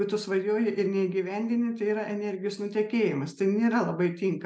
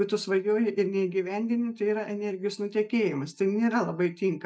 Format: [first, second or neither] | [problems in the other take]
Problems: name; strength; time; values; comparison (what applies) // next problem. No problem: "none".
first | noise reduction (neural mask model DeepFilterNet 3)